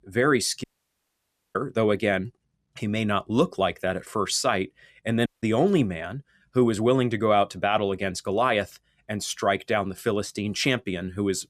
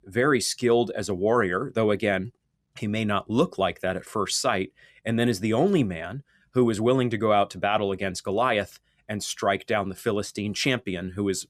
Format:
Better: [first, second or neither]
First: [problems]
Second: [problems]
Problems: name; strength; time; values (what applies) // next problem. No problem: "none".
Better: second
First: audio cutting out; at 0.5 s for 1 s and at 5.5 s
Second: none